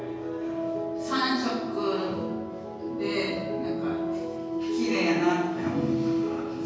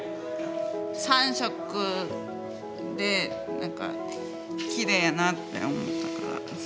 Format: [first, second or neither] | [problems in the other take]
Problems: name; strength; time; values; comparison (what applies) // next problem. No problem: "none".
second | room echo; dies away in 1.3 s